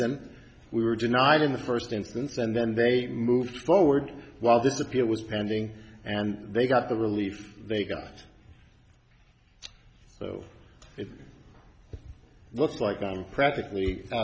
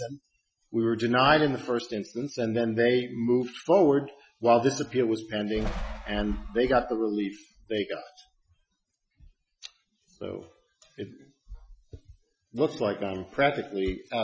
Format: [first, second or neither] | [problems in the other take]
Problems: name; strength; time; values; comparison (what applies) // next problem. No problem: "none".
first | noise reduction (classical method Wiener filter)